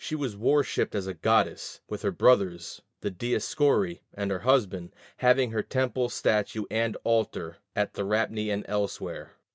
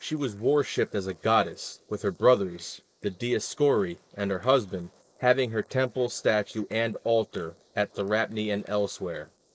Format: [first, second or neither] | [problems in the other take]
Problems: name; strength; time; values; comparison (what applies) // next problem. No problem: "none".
first | noise reduction (neural mask model Resemble Enhance denoiser)